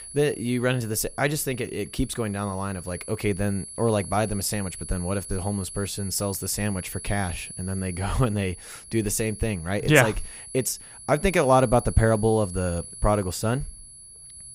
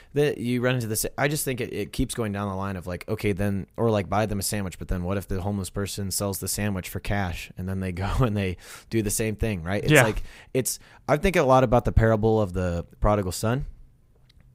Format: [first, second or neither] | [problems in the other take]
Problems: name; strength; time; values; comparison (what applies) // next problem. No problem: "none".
second | high-pitched whine; noticeable; throughout; 10.5 kHz, 15 dB below the speech